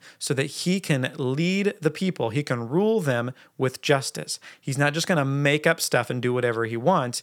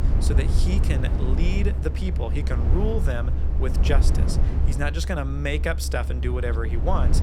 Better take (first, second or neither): first